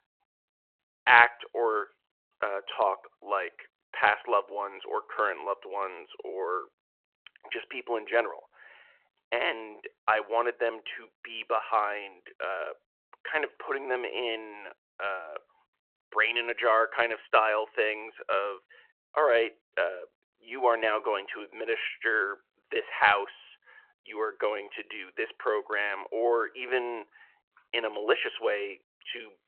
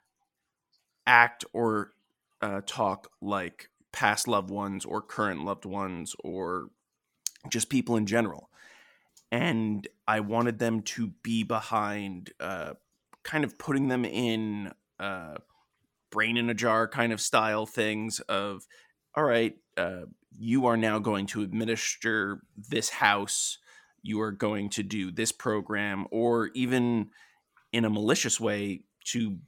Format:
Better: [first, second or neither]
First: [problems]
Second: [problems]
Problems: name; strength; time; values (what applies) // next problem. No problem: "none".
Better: second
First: phone-call audio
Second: none